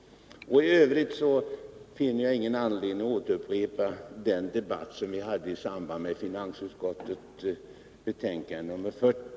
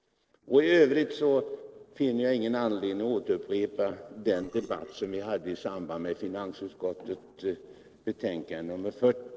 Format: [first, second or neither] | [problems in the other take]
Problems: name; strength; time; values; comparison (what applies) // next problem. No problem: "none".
first | noise reduction (neural separator model SepFormer DNS4)